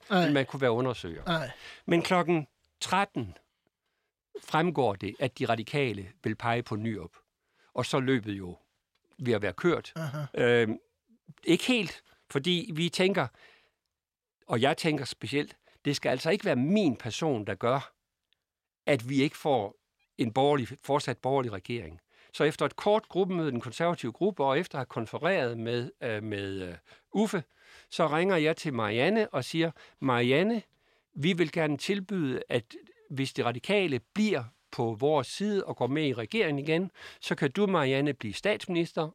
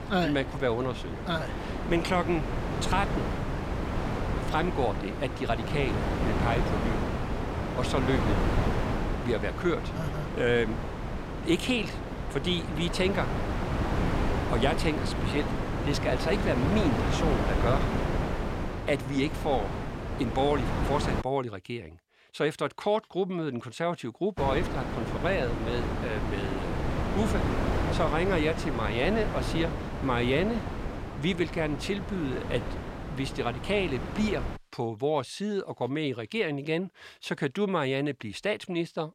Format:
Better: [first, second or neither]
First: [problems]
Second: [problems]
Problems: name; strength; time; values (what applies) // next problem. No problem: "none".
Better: first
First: none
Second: wind noise on the microphone; heavy; until 21 s and from 24 to 35 s; 4 dB below the speech